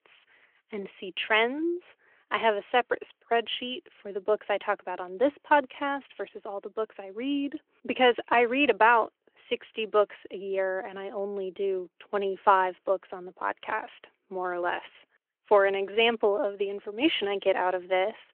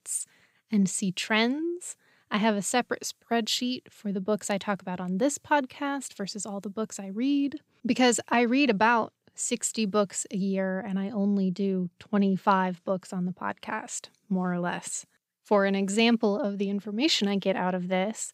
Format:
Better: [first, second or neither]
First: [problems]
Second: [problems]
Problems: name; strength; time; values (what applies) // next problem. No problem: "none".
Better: second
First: phone-call audio; nothing above 3 kHz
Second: none